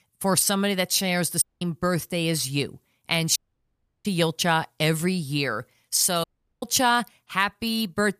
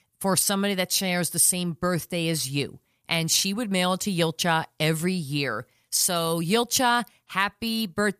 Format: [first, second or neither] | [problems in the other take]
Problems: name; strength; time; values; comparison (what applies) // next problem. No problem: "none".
second | audio cutting out; at 1.5 s, at 3.5 s for 0.5 s and at 6 s